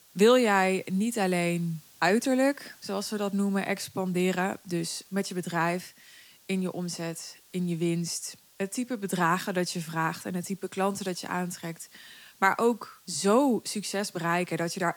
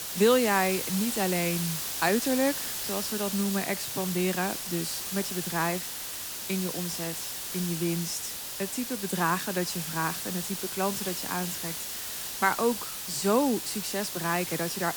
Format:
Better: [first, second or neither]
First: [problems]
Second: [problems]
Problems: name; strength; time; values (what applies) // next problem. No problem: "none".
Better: first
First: hiss; faint; throughout; 25 dB below the speech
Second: hiss; loud; throughout; 3 dB below the speech